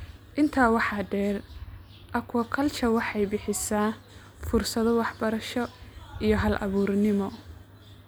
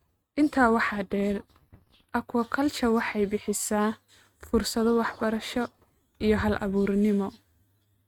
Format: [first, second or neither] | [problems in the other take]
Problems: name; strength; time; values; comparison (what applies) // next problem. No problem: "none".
first | noise reduction (neural mask model RNNoise)